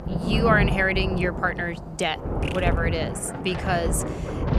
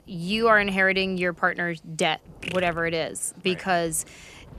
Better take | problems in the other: second | rain or running water; loud; throughout; 2 dB below the speech; faint in the second

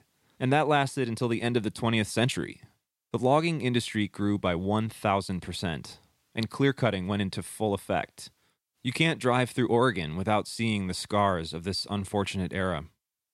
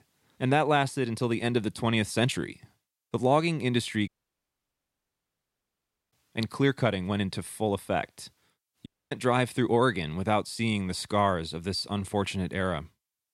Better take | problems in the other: first | audio cutting out; at 4 s for 2 s and at 9 s

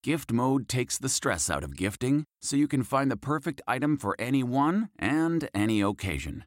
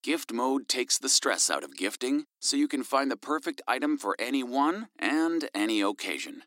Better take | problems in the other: first | thin; very slightly; fading below 250 Hz

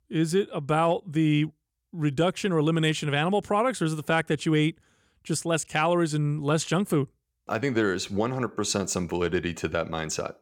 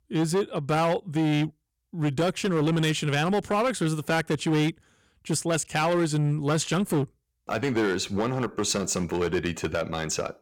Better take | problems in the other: first | distortion; slight; 12% of the sound clipped

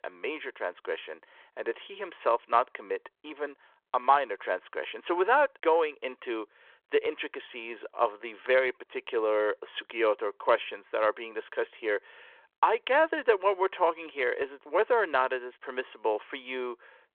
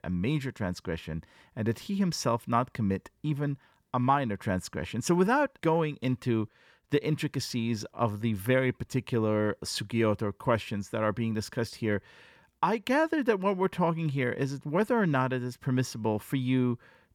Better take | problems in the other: second | phone-call audio

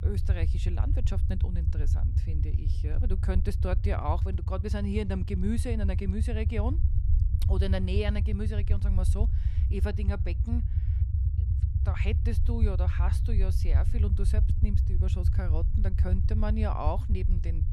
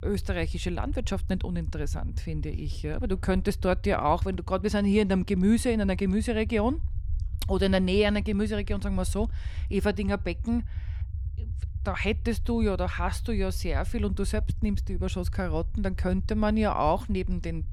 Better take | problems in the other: second | low rumble; loud; throughout; 7 dB below the speech; faint in the second

